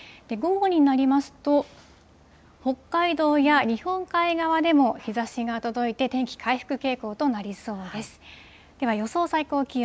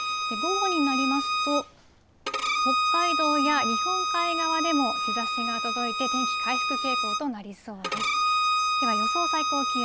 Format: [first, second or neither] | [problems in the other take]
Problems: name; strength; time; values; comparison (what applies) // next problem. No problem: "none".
first | background sound (Bowed string instrument); 4 dB above the speech